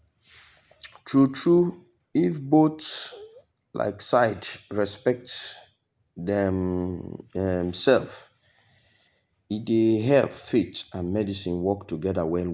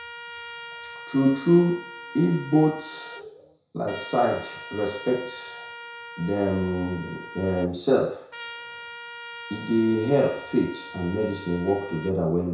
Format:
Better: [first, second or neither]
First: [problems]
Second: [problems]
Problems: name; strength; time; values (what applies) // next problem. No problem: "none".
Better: first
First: none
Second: background sound (Trumpet); 15 dB below the speech // room echo; dies away in 0.6 s